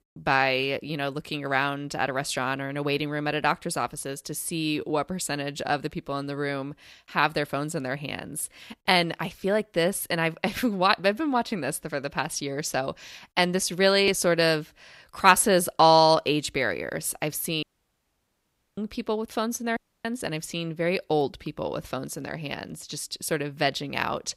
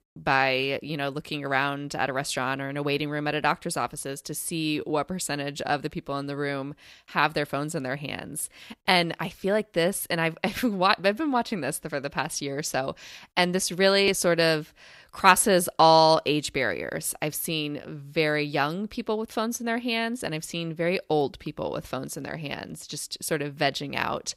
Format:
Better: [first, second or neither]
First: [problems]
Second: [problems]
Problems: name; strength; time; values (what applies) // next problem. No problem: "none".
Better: second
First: audio cutting out; at 18 s for 1 s and at 20 s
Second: none